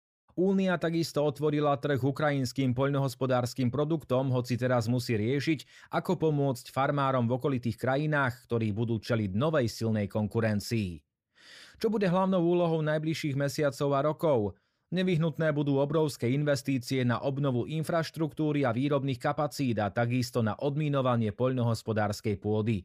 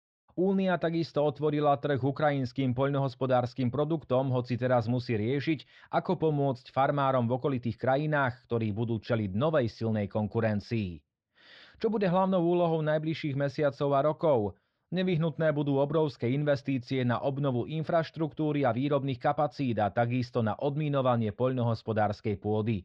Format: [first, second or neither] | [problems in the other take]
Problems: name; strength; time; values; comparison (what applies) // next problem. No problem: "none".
first | muffled; slightly; fading above 4 kHz